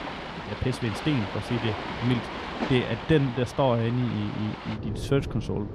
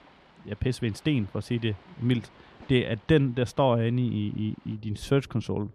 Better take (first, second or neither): second